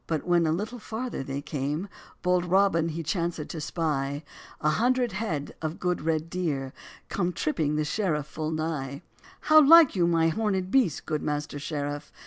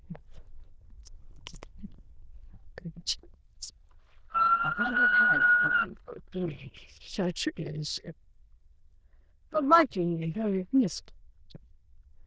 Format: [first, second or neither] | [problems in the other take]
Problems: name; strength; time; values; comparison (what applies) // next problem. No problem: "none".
first | noise reduction (neural diffusion model UNIVERSE++)